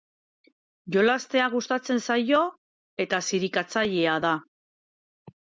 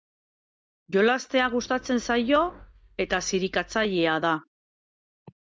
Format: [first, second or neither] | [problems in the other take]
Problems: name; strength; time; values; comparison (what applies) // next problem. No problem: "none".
first | noise reduction (neural mask model DeepFilterNet 3)